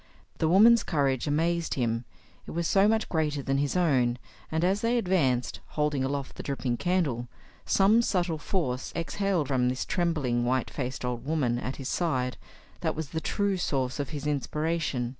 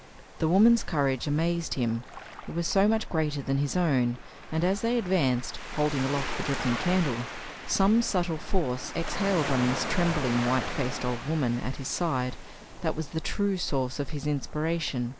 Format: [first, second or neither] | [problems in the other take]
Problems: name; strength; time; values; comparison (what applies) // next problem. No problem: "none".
first | background sound (Waves, surf); 11 dB below the speech